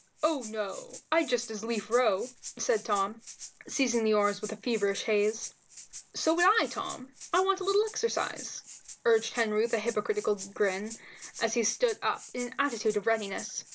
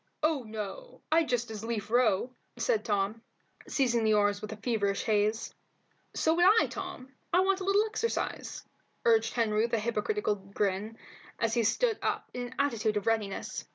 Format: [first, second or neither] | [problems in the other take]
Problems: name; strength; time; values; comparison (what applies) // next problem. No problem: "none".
second | background sound (Rattle (instrument)); 17 dB below the speech